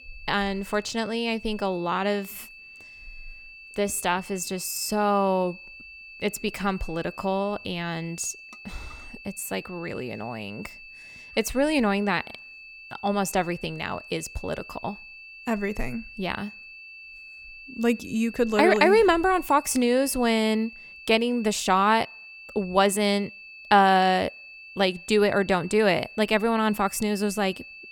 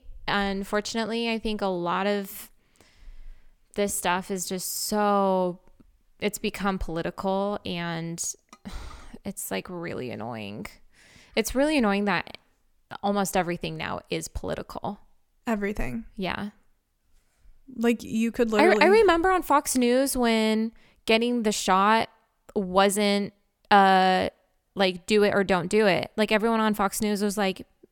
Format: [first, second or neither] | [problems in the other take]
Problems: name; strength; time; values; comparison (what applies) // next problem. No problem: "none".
second | high-pitched whine; noticeable; throughout; 2.5 kHz, 15 dB below the speech